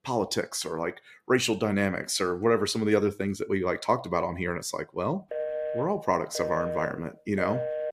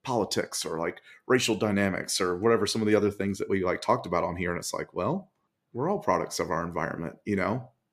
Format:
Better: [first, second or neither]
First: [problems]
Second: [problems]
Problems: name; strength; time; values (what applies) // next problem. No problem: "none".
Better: second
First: phone ringing; noticeable; from 5.5 s on; peak 3 dB below the speech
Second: none